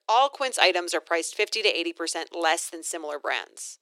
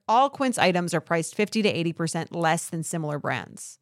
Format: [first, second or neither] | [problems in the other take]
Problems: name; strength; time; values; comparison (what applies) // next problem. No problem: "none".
second | thin; very; fading below 350 Hz